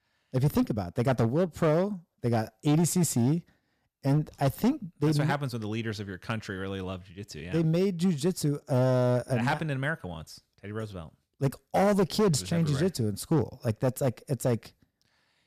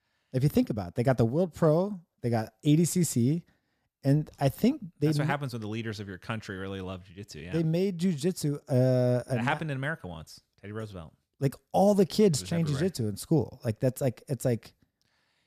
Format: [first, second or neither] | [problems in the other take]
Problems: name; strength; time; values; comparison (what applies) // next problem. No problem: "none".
second | distortion; slight; 6% of the sound clipped